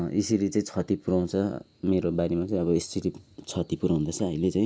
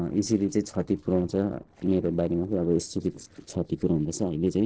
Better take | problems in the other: first | noise reduction (neural separator model SepFormer DNS4)

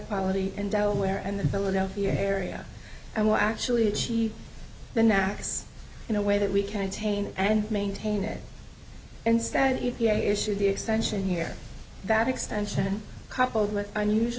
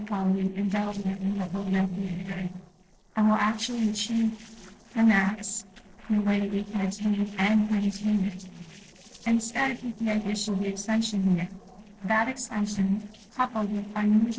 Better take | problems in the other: first | noise reduction (neural separator model SepFormer DNS4)

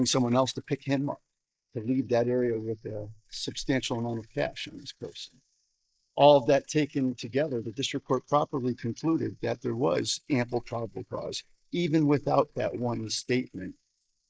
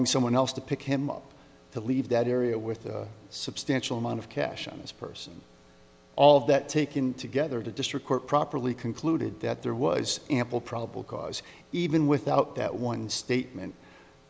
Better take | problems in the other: second | noise reduction (neural mask model Resemble Enhance denoiser)

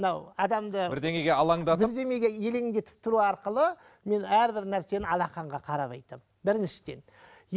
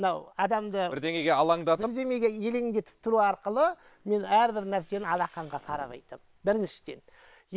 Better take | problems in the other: first | noise reduction (neural separator model SepFormer WHAM!)

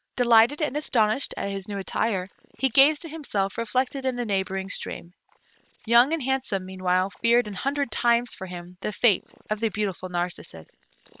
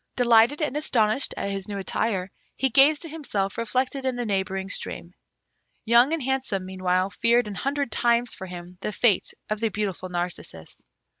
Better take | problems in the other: second | noise reduction (neural separator model SepFormer WHAM!)

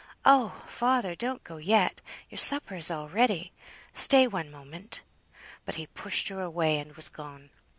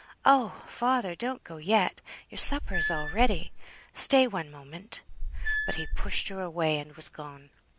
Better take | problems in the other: first | background sound (Squeak / Screech); 2 dB above the speech

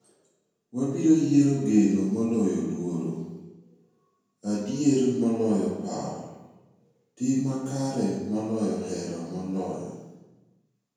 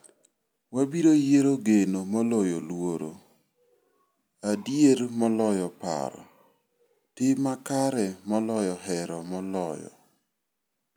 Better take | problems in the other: second | room echo; dies away in 1 s

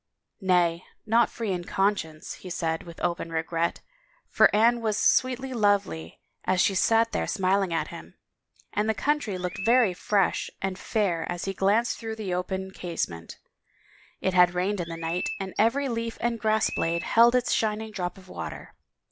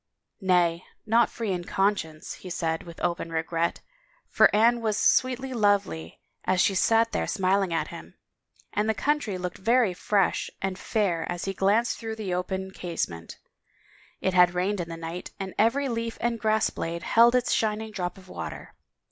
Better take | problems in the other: second | background sound (Chirp, tweet); 11 dB below the speech

